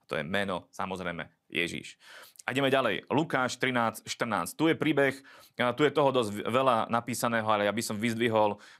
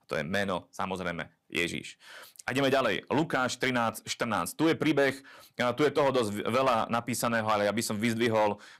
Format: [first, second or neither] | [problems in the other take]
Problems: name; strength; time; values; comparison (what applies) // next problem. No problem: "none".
first | distortion; slight; 4% of the sound clipped